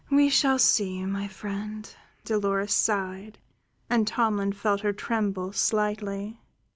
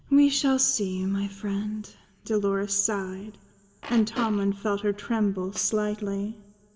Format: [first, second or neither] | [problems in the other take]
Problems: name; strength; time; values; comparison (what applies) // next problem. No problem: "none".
first | background sound (Fart); 17 dB below the speech // room echo; dies away in 1.1 s